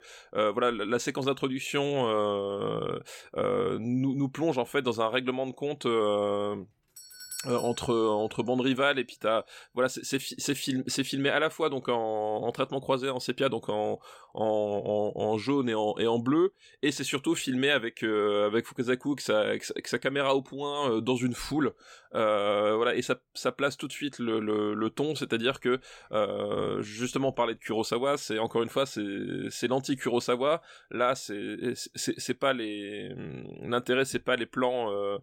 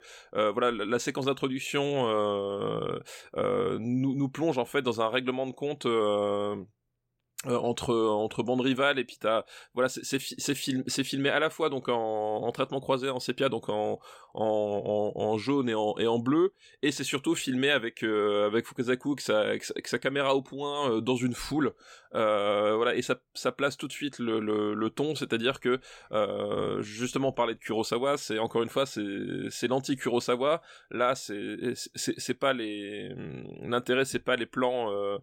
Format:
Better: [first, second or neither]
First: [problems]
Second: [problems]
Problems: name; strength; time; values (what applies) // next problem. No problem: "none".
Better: second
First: doorbell; faint; at 7 s; peak 10 dB below the speech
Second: none